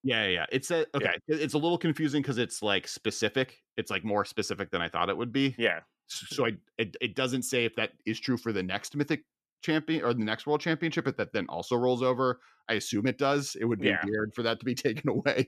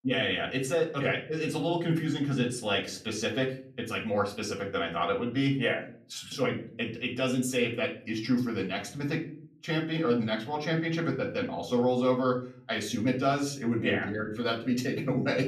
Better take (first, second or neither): first